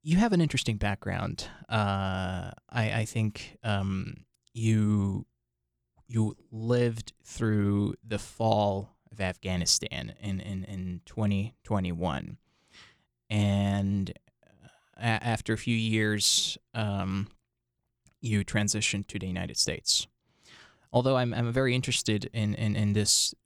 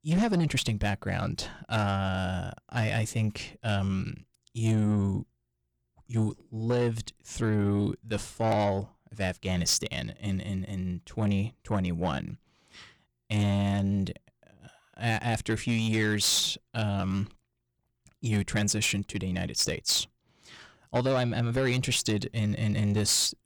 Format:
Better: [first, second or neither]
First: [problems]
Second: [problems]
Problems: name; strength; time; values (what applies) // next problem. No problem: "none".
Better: first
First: none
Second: distortion; slight; 10 dB below the speech